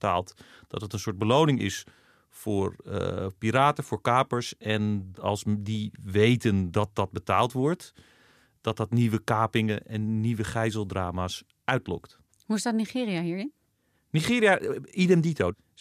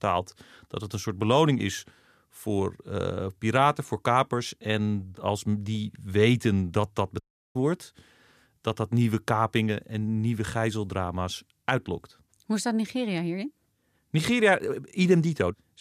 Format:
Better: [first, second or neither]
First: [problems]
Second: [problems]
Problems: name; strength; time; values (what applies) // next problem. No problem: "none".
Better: first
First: none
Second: audio cutting out; at 7 s